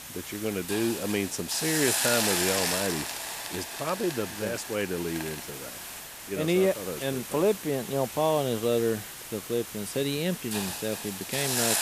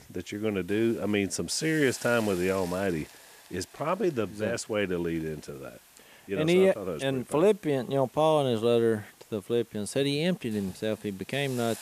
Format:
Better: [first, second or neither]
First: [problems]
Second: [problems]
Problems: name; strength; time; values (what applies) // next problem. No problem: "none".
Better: second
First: hiss; loud; throughout; 2 dB below the speech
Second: hiss; faint; throughout; 20 dB below the speech